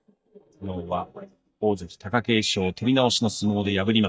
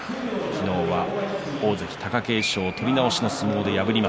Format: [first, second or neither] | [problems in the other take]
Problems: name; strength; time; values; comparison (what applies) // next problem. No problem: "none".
second | noise reduction (neural mask model DeepFilterNet 3)